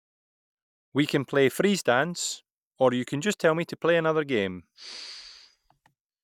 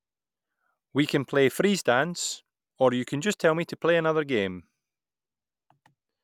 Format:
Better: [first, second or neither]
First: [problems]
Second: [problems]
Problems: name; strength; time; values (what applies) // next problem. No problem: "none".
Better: second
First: noise reduction (neural mask model DeepFilterNet 3)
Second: none